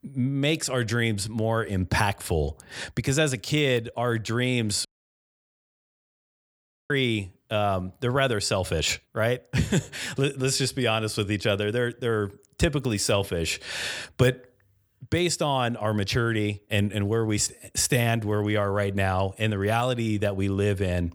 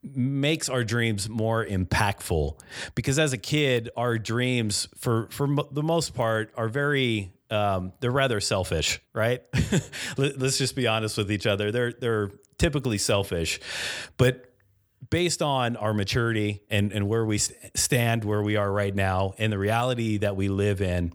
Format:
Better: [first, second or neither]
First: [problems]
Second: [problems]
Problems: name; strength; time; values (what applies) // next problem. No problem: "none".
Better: second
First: audio cutting out; at 5 s for 2 s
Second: none